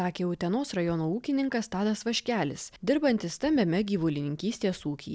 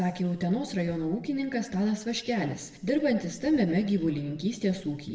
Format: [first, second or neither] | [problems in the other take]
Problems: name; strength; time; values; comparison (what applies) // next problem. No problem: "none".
first | room echo; dies away in 0.8 s